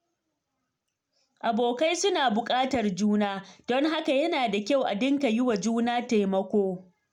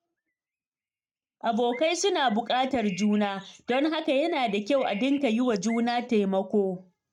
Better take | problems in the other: first | noise reduction (neural mask model RNNoise)

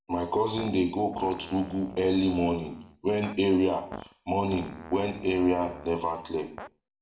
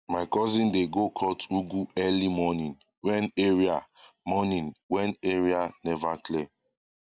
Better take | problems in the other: second | background sound (Fart); 17 dB below the speech // room echo; dies away in 0.5 s

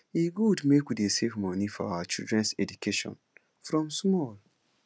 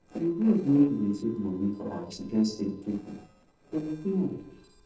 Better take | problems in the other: first | noise reduction (neural separator model SepFormer DNS4)

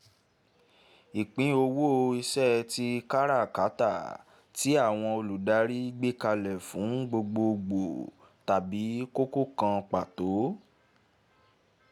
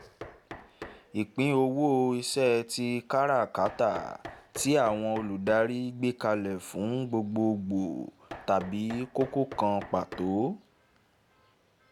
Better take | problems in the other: first | background sound (Knock); 19 dB below the speech

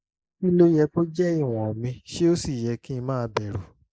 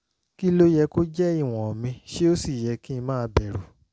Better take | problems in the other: second | noise reduction (neural mask model Resemble Enhance denoiser)

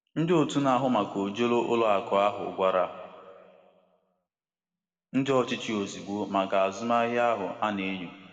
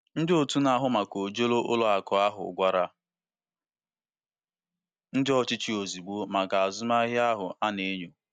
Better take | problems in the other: second | room echo; dies away in 1.9 s

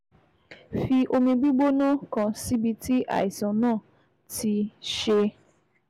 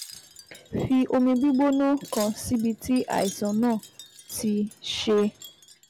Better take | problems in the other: first | background sound (Wind chime); 20 dB below the speech

